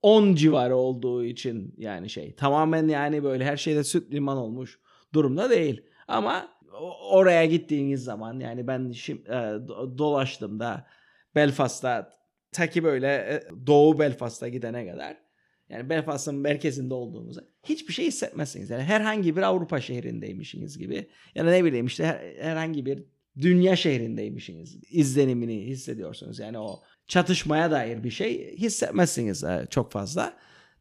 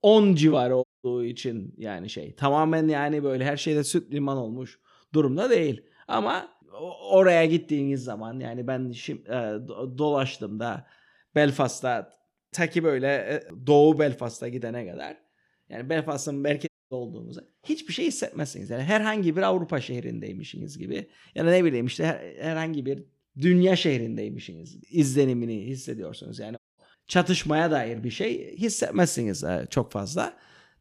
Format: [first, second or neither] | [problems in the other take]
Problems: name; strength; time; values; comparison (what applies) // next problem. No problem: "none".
first | audio cutting out; at 1 s, at 17 s and at 27 s